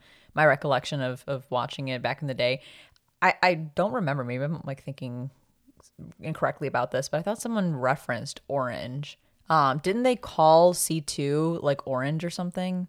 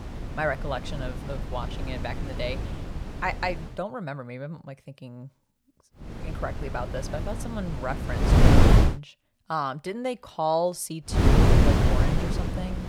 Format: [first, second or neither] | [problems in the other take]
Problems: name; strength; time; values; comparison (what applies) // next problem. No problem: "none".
first | wind noise on the microphone; heavy; until 3.5 s, from 6 to 9 s and from 11 s on; as loud as the speech